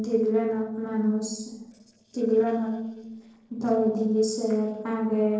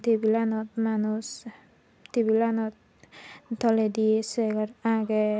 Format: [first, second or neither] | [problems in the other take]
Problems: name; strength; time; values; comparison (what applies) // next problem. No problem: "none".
second | noise reduction (neural separator model SepFormer DNS4)